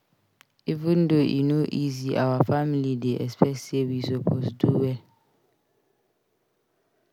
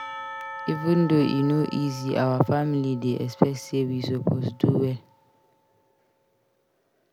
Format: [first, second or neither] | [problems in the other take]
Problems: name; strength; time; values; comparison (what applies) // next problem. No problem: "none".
first | background sound (Church bell / Percussion); 16 dB below the speech